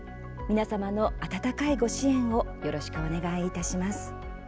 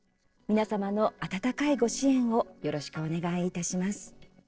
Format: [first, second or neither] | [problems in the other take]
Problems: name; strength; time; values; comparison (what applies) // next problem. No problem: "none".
first | noise reduction (neural separator model SepFormer DNS4)